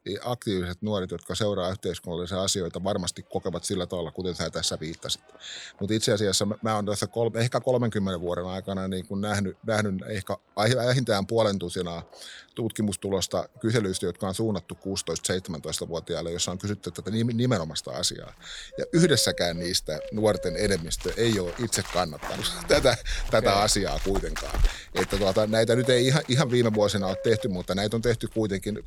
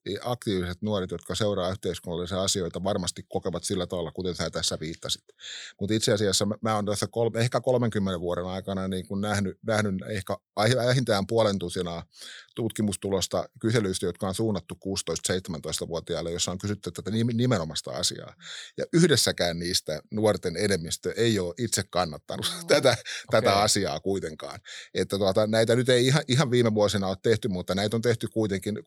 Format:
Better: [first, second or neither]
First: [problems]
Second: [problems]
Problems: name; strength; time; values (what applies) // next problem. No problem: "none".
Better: second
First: animal sounds; noticeable; throughout; 10 dB below the speech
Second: none